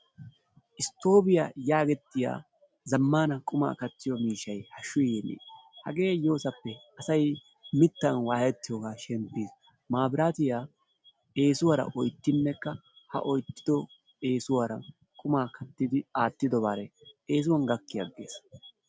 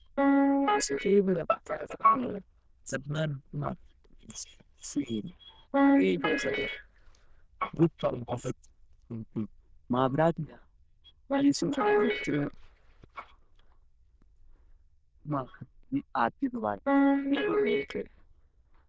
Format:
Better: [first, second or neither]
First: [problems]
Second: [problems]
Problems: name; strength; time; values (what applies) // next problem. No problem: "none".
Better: first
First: none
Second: noise reduction (neural diffusion model UNIVERSE++)